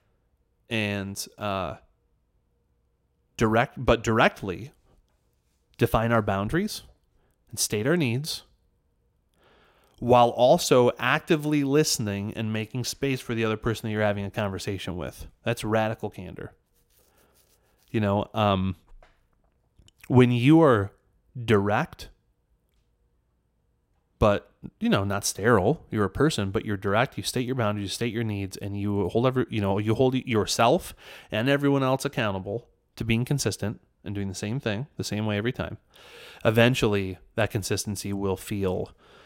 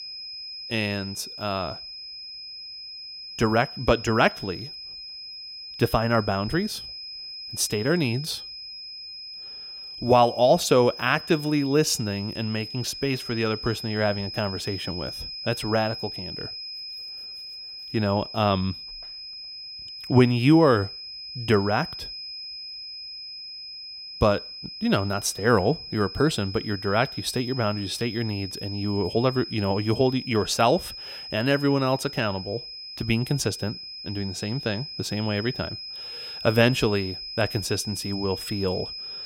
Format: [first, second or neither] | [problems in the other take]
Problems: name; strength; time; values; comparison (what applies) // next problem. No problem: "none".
first | high-pitched whine; noticeable; throughout; 5 kHz, 10 dB below the speech